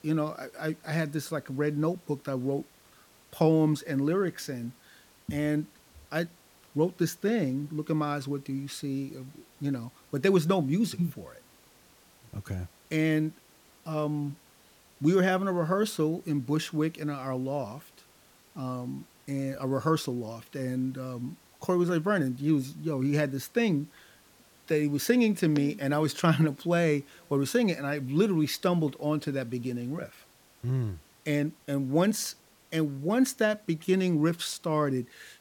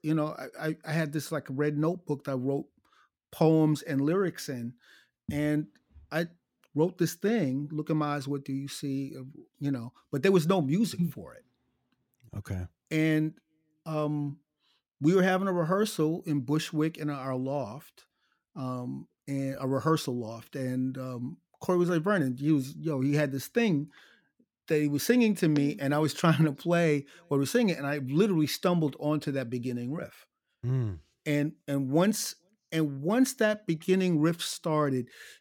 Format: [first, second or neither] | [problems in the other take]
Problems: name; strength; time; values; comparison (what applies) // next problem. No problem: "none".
second | hiss; faint; throughout; 30 dB below the speech